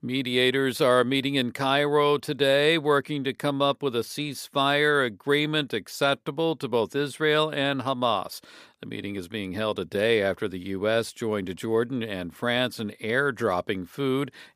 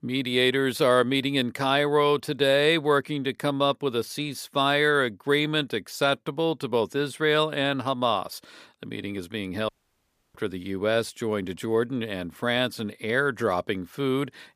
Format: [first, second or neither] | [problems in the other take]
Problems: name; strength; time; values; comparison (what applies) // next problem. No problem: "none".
first | audio cutting out; at 9.5 s for 0.5 s